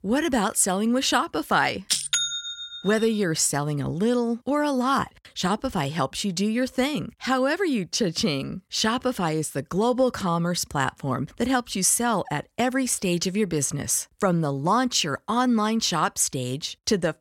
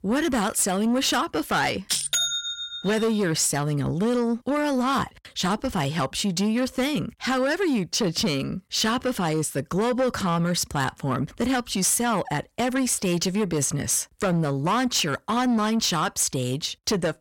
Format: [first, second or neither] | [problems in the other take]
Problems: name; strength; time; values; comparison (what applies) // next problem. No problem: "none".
first | distortion; slight; 10 dB below the speech